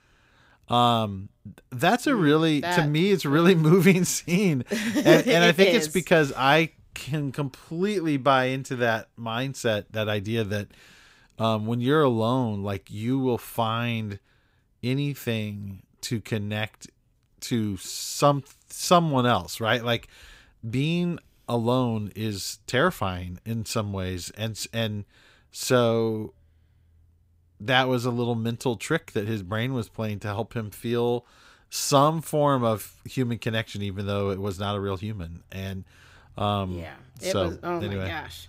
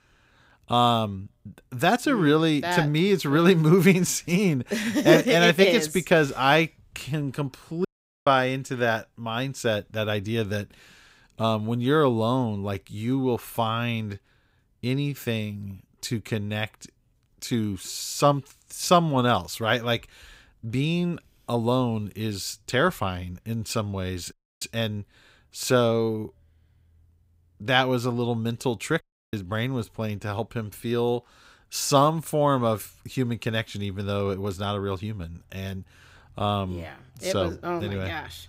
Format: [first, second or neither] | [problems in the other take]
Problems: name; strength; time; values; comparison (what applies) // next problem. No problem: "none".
first | audio cutting out; at 8 s, at 24 s and at 29 s